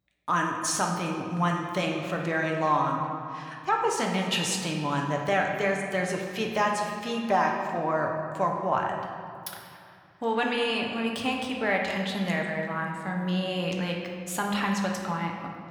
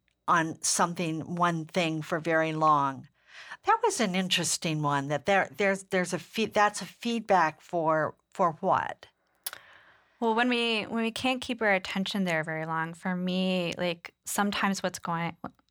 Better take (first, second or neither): second